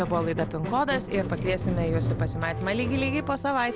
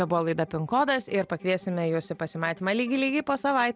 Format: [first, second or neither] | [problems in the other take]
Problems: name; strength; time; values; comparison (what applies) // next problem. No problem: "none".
second | background sound (Squeak + Keys jangling); 3 dB below the speech